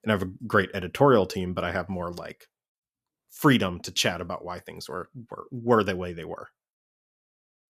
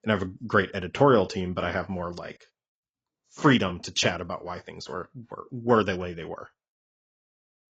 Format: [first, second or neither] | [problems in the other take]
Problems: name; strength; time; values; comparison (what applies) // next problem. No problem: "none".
first | garbled, watery; badly; nothing above 7.5 kHz